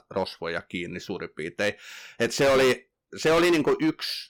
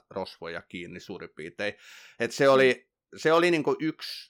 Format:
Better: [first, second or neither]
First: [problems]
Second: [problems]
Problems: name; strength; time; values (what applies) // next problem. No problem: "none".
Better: second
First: distortion; heavy; 10% of the sound clipped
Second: none